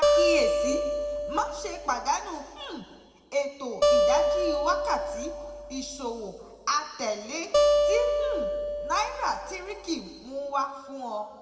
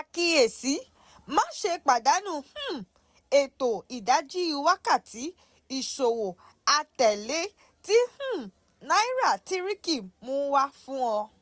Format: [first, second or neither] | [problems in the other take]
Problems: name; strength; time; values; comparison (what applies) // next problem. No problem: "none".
second | background sound (Acoustic guitar); 4 dB above the speech // room echo; dies away in 1.6 s